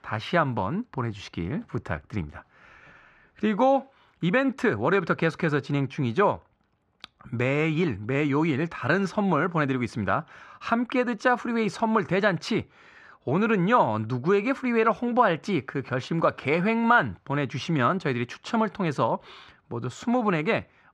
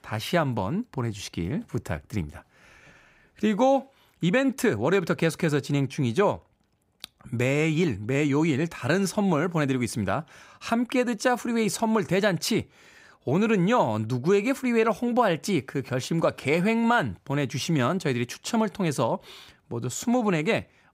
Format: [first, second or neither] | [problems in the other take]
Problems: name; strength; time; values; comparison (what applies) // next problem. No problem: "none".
second | muffled; slightly; fading above 4 kHz